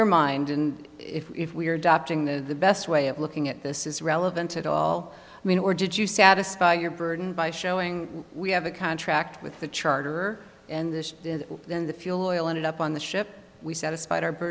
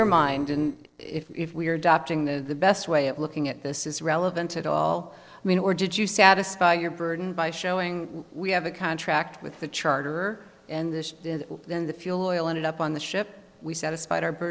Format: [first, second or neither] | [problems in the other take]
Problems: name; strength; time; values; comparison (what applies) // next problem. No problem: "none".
first | noise reduction (neural separator model SepFormer DNS4)